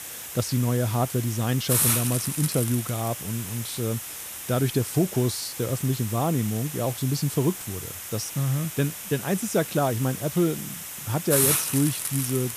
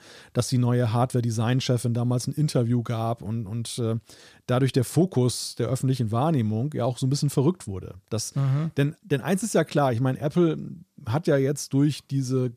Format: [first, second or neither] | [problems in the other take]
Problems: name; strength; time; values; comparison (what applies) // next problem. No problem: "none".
second | hiss; loud; throughout; 3 dB below the speech